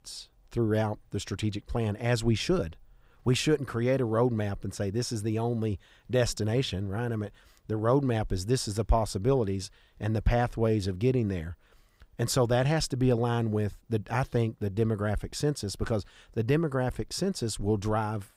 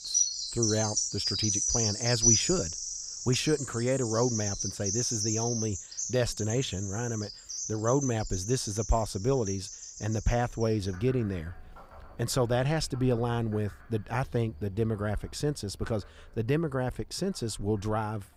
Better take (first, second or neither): first